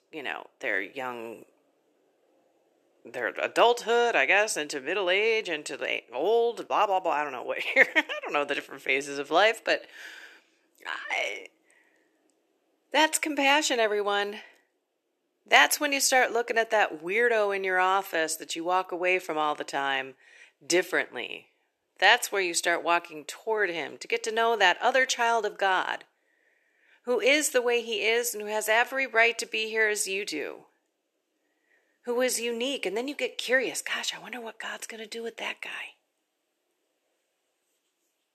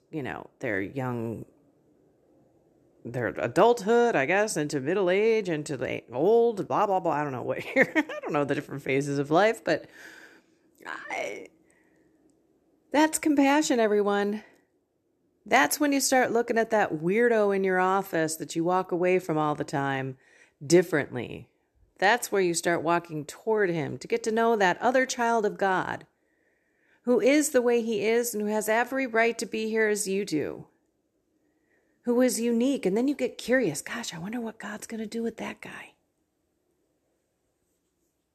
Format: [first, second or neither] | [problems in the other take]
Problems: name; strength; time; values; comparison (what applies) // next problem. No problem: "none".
second | thin; somewhat; fading below 500 Hz